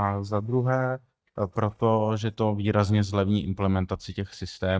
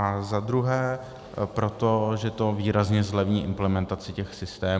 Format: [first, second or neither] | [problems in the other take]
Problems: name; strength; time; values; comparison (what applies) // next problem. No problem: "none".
second | noise reduction (neural mask model DeepFilterNet 3)